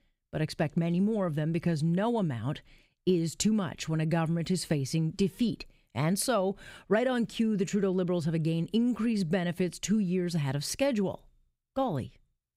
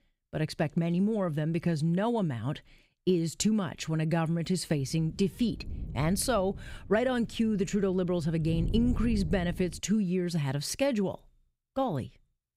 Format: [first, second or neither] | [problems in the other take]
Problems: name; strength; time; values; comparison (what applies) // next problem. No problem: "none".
first | wind noise on the microphone; occasional gusts; from 5 to 10 s; 20 dB below the speech